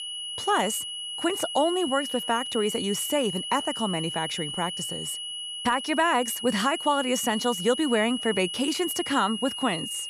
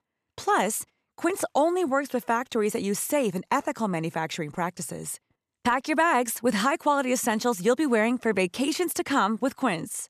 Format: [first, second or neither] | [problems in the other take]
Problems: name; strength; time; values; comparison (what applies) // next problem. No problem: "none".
second | high-pitched whine; loud; throughout; 3 kHz, 5 dB below the speech